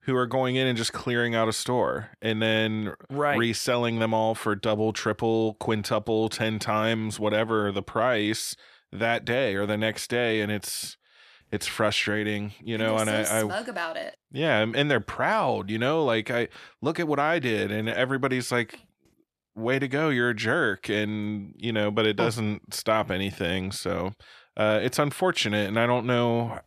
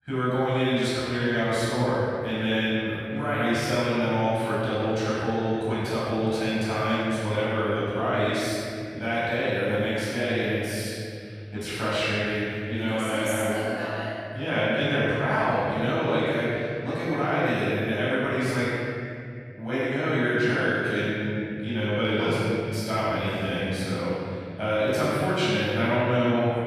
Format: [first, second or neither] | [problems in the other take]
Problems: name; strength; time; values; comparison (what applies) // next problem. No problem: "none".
first | room echo; strong; dies away in 3 s // off-mic speech; far